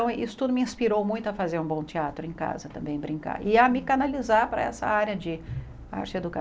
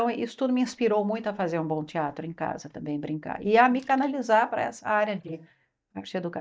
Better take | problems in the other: first | noise reduction (neural mask model DeepFilterNet 3)

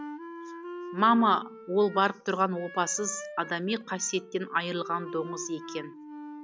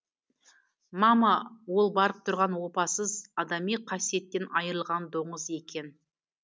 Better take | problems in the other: second | background sound (Wind instrument, woodwind instrument); 13 dB below the speech

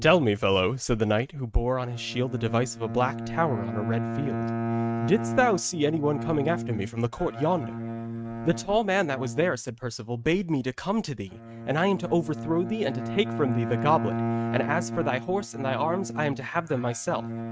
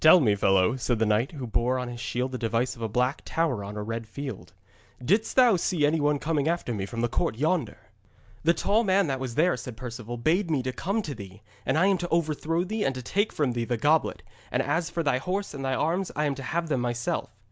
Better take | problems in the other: second | noise reduction (neural mask model RNNoise)

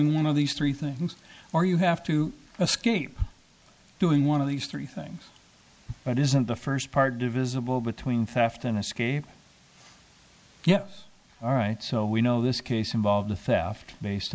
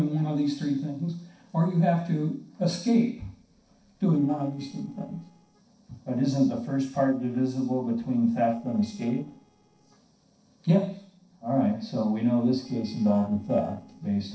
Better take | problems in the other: first | noise reduction (neural separator model SepFormer DNS4)

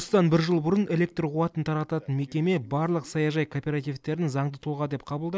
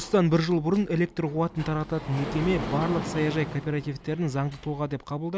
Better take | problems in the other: first | background sound (Sliding door); 11 dB below the speech

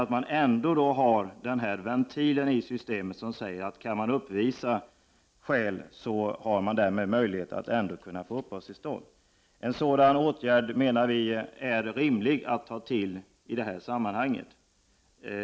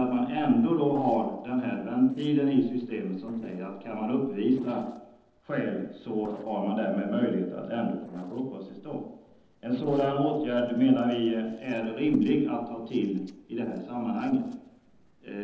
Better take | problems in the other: first | noise reduction (neural separator model SepFormer DNS4)

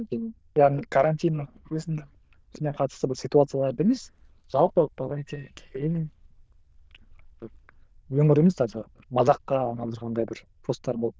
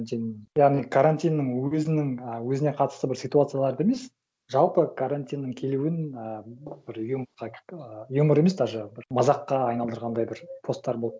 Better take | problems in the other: second | noise reduction (neural diffusion model UNIVERSE++)

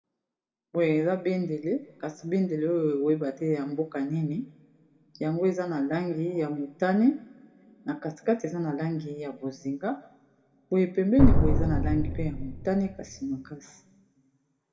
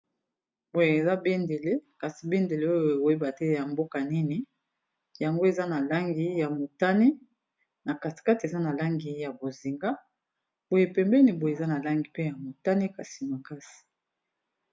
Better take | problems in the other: second | background sound (Drum); 3 dB above the speech // room echo; dies away in 1.4 s

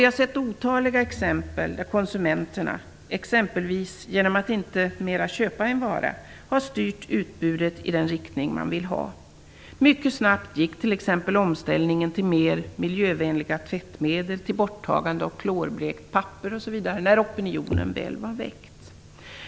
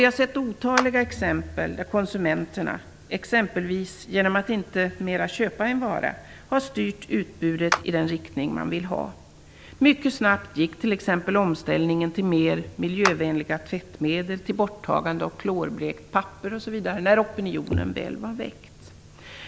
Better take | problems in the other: first | background sound (Clapping); 7 dB below the speech

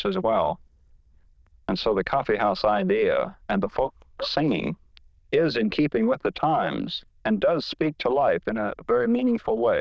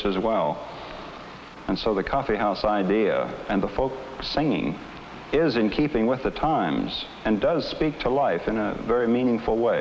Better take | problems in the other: second | noise reduction (neural diffusion model UNIVERSE++)

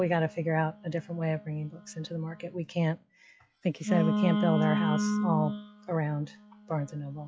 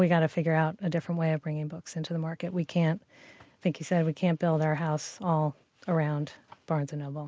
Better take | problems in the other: second | noise reduction (classical method log-MMSE)

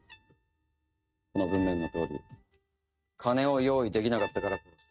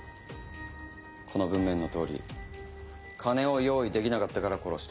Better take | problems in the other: second | noise reduction (neural mask model RNNoise)

